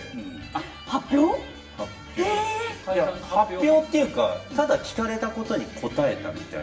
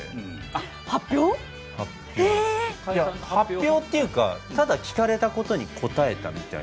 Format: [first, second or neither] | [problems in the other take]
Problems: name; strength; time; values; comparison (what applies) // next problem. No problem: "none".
second | room echo; dies away in 0.7 s